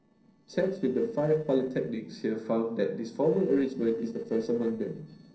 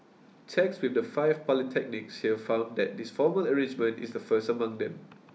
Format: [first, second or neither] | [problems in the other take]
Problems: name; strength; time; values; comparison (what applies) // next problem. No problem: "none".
second | noise reduction (neural separator model SepFormer DNS4)